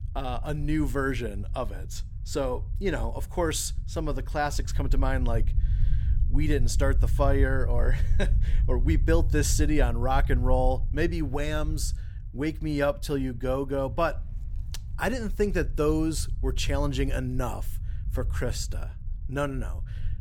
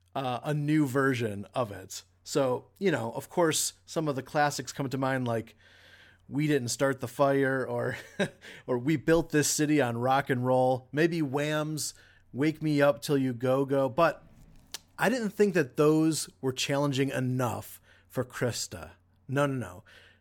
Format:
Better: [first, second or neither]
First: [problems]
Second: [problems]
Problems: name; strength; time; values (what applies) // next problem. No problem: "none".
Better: second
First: low rumble; noticeable; throughout; 20 dB below the speech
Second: none